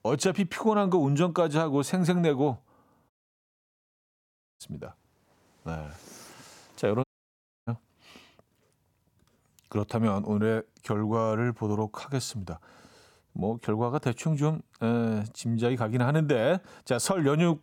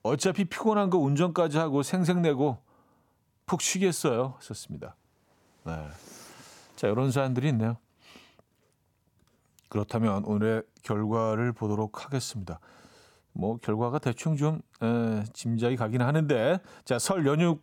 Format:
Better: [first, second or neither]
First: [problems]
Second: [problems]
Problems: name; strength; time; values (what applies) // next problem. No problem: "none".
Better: second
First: audio cutting out; at 3 s for 1.5 s and at 7 s for 0.5 s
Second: none